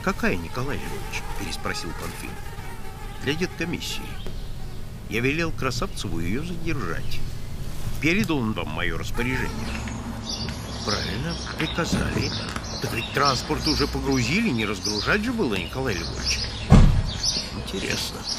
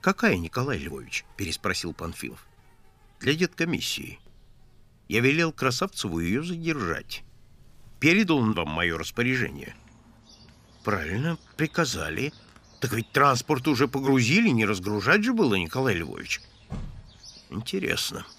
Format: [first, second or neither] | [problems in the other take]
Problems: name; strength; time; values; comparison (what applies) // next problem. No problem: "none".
second | animal sounds; loud; throughout; 2 dB below the speech; faint in the second